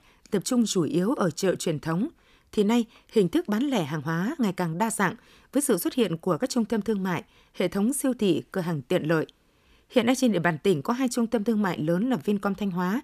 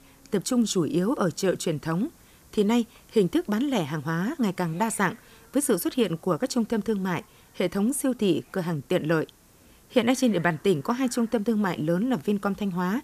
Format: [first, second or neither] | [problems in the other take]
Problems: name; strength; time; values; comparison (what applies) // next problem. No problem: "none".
first | hiss; faint; throughout; 25 dB below the speech